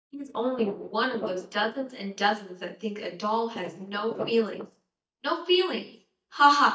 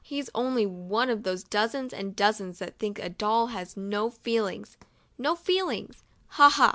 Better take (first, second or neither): second